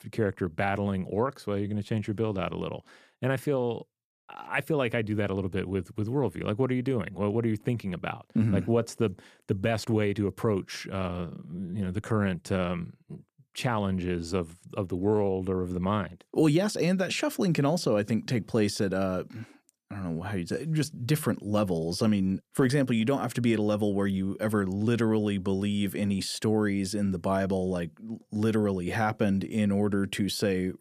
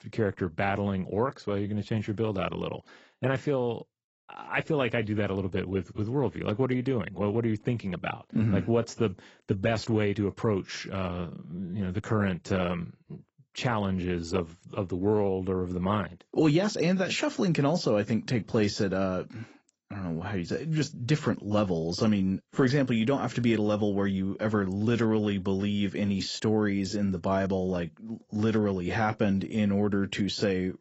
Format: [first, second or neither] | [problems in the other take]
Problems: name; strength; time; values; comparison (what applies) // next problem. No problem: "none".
first | garbled, watery; badly; nothing above 7.5 kHz